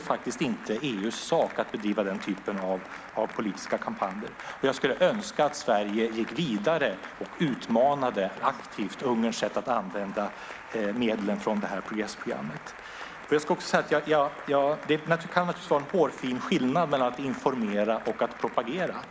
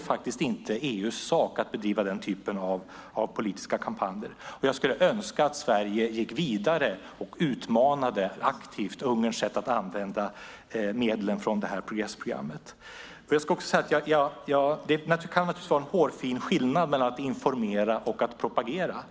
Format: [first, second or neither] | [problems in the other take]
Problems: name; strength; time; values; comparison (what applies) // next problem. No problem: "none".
second | background sound (Applause / Cheering); 16 dB below the speech